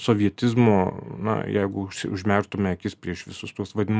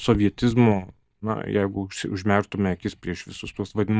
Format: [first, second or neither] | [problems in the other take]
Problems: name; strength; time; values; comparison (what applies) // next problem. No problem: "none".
first | noise reduction (neural mask model DeepFilterNet 3)